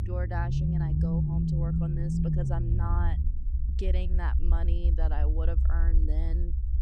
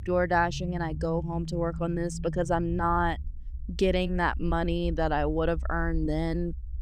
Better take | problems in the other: second | low rumble; loud; throughout; 1 dB below the speech; faint in the second

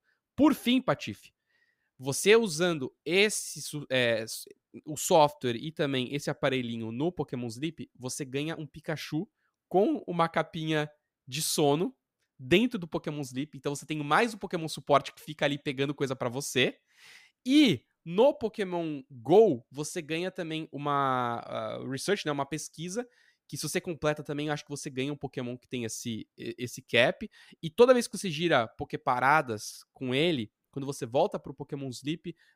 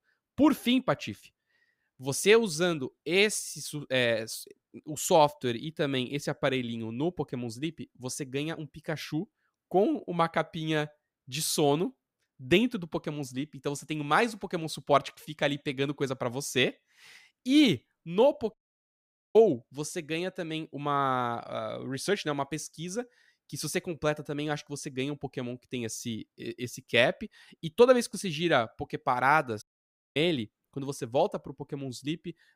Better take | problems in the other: first | audio cutting out; at 19 s for 1 s and at 30 s for 0.5 s

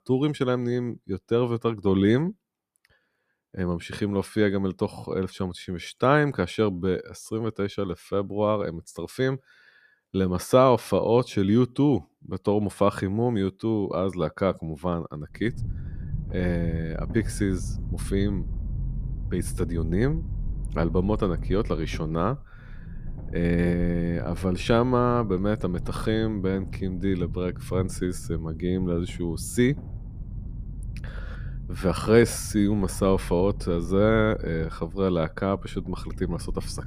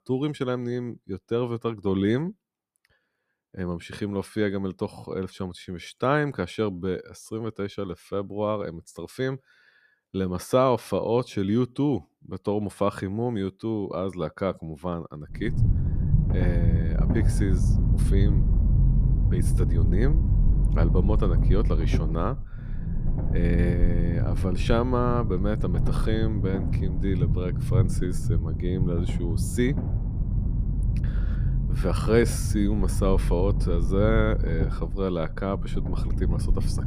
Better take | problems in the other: first | low rumble; loud; from 15 s on; 9 dB below the speech; faint in the first

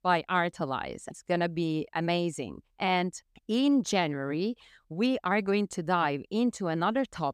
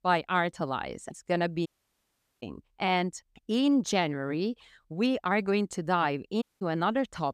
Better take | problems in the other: first | audio cutting out; at 1.5 s for 1 s and at 6.5 s

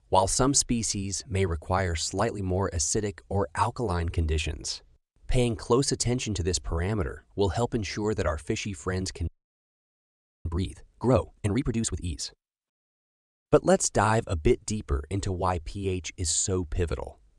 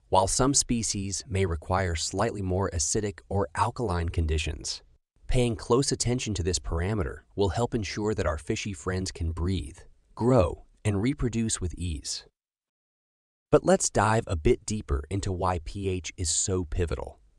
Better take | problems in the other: second | audio freezing; at 9.5 s for 1 s

